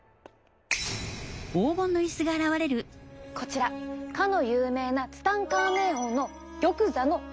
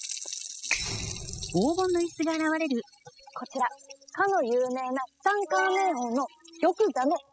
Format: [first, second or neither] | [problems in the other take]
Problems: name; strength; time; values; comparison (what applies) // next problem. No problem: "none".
first | noise reduction (classical method spectral subtraction)